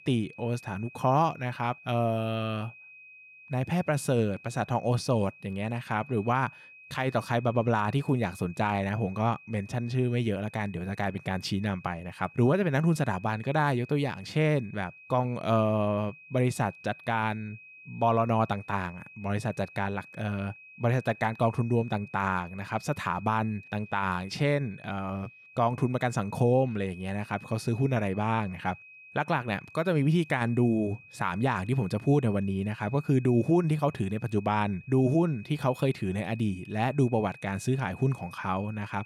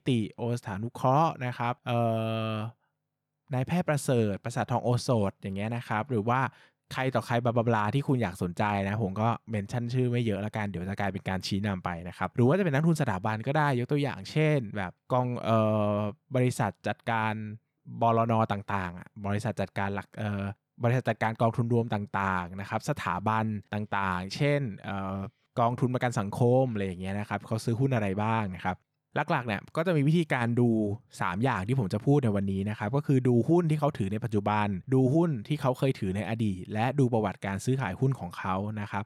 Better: second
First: high-pitched whine; faint; throughout; 2.5 kHz, 20 dB below the speech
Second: none

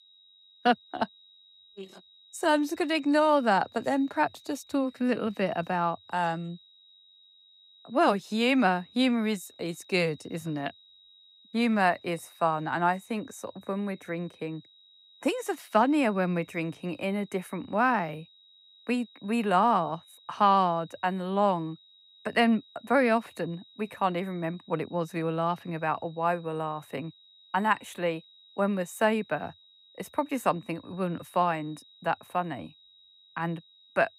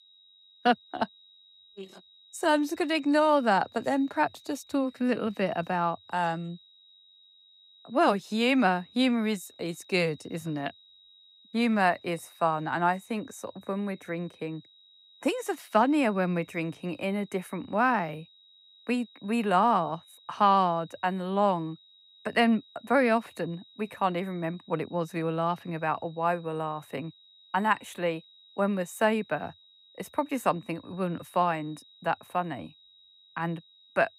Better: neither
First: high-pitched whine; faint; throughout; 4 kHz, 25 dB below the speech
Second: high-pitched whine; faint; throughout; 4 kHz, 25 dB below the speech

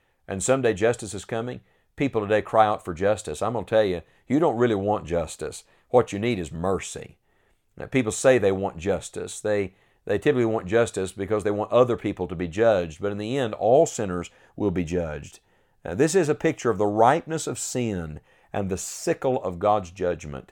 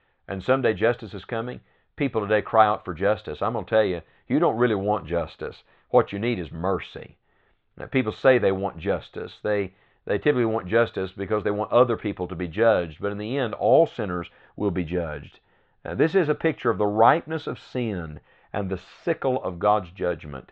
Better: first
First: none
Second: muffled; very; fading above 3.5 kHz

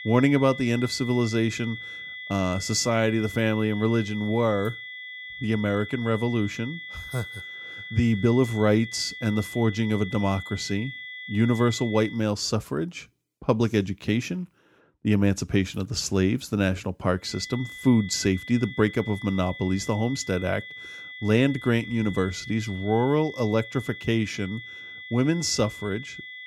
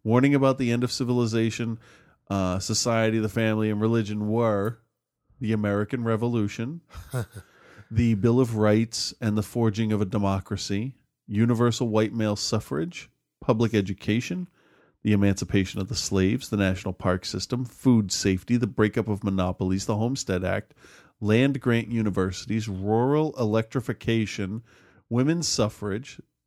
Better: second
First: high-pitched whine; noticeable; until 12 s and from 17 s on; 2 kHz, 10 dB below the speech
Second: none

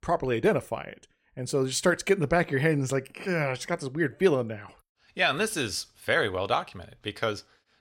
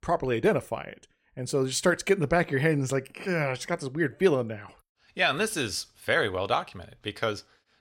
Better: neither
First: none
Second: none

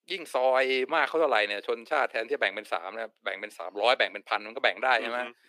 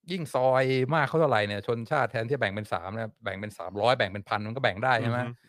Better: second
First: thin; very; fading below 300 Hz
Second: none

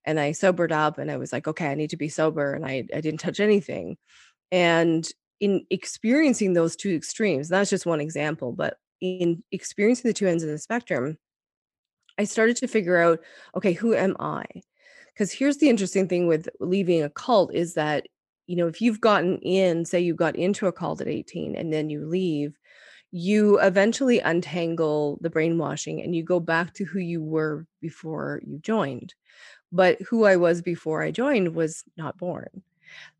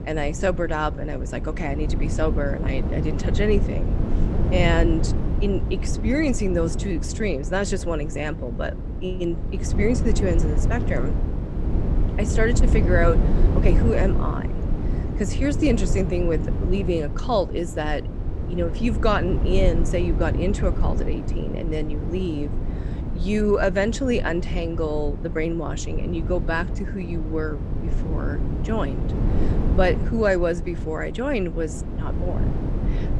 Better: first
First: none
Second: low rumble; loud; throughout; 9 dB below the speech

